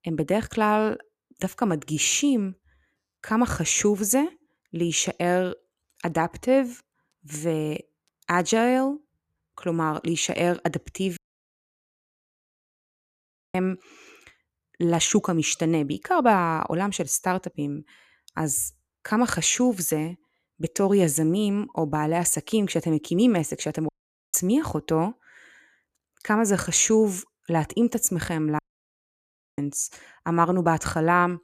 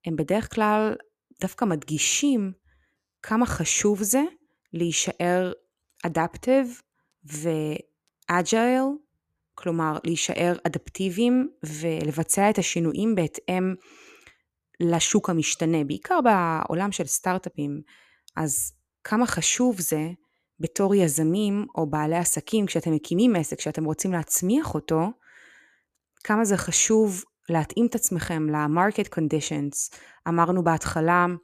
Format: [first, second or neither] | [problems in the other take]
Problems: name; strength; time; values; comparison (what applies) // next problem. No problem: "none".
second | audio cutting out; at 11 s for 2.5 s, at 24 s and at 29 s for 1 s